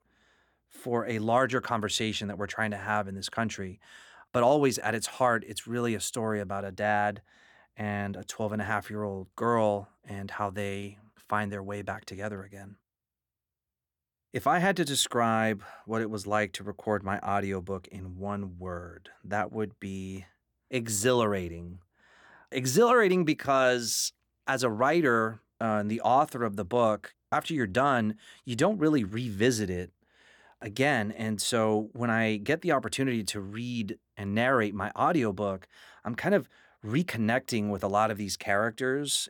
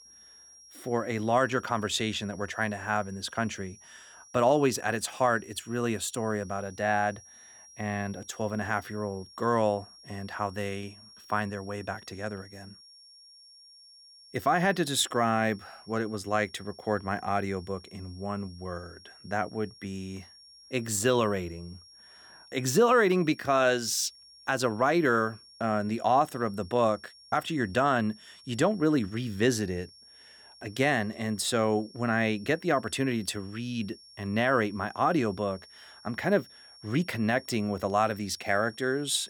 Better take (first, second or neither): first